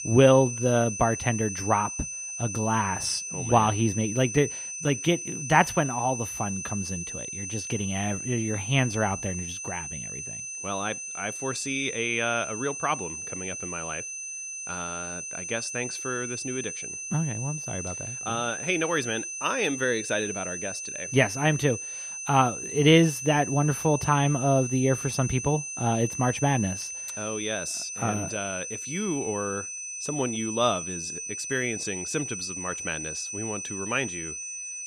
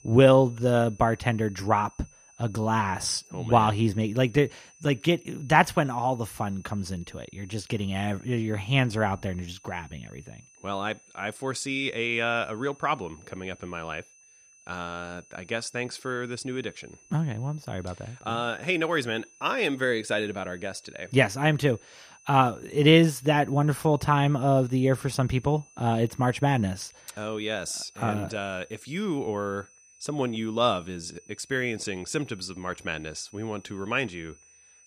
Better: second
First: high-pitched whine; loud; throughout; 6 kHz, 6 dB below the speech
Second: high-pitched whine; faint; throughout; 6 kHz, 25 dB below the speech

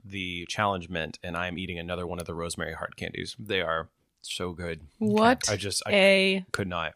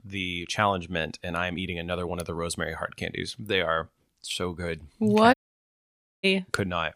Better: first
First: none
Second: audio cutting out; at 5.5 s for 1 s

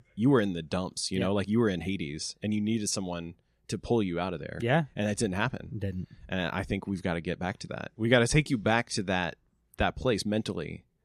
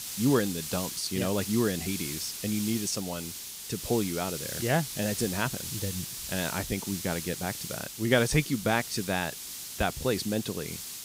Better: first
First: none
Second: hiss; loud; throughout; 5 dB below the speech

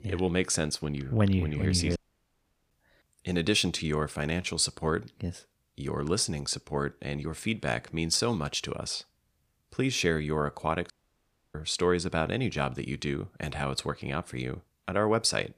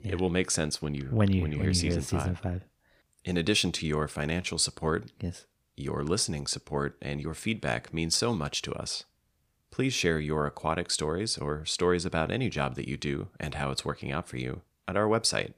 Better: second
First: audio cutting out; at 2 s for 1 s and at 11 s for 0.5 s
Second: none

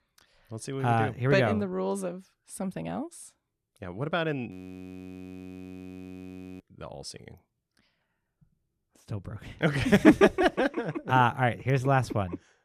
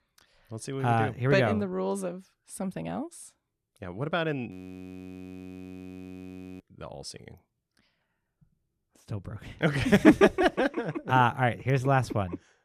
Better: neither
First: audio freezing; at 4.5 s for 2 s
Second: audio freezing; at 4.5 s for 2 s

